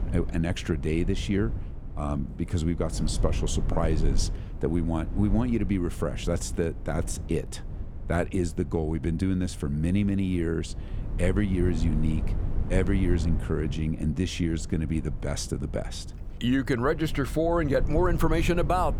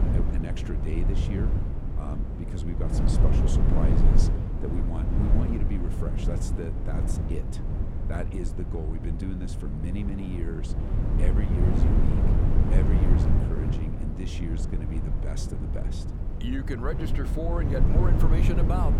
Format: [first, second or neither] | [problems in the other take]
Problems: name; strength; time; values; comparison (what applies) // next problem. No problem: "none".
first | wind noise on the microphone; heavy; 1 dB above the speech; occasional gusts in the first